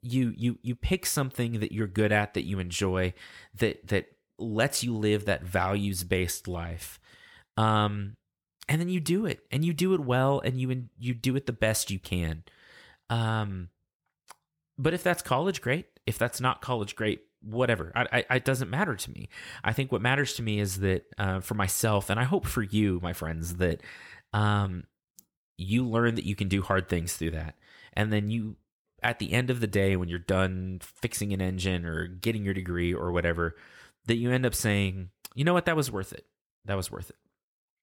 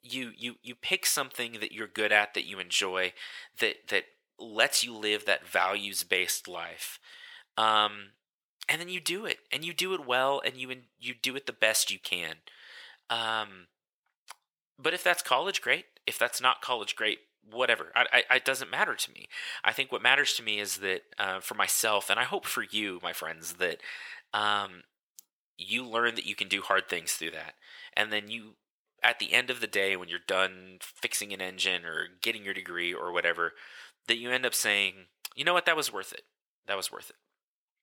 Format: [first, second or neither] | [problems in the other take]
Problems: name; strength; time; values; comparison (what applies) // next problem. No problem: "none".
first | thin; very; fading below 600 Hz